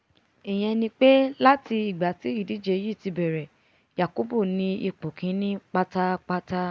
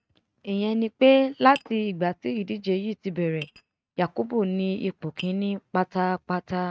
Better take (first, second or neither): first